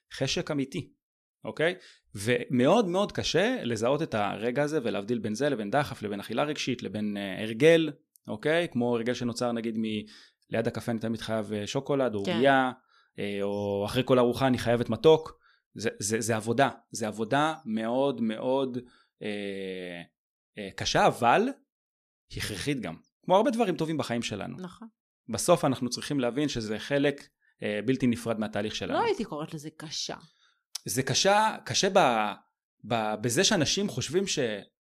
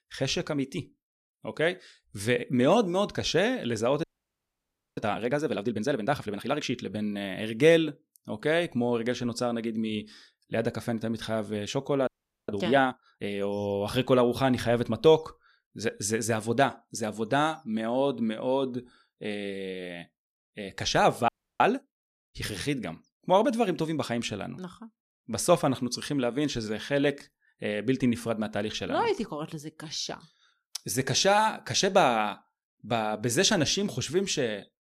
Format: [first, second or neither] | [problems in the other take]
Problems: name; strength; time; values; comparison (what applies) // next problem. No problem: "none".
first | audio freezing; at 4 s for 1 s, at 12 s and at 21 s